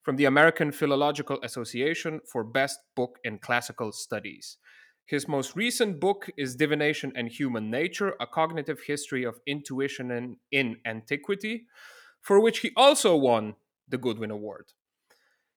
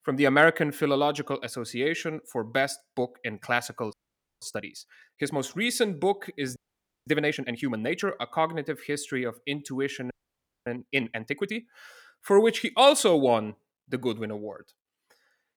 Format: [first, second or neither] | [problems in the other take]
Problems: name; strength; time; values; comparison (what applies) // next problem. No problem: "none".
first | audio freezing; at 4 s, at 6.5 s for 0.5 s and at 10 s for 0.5 s